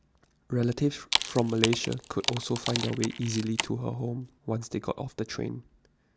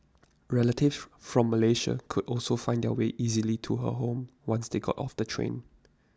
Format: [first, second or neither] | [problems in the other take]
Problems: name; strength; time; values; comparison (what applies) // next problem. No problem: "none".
second | background sound (Wood); 3 dB below the speech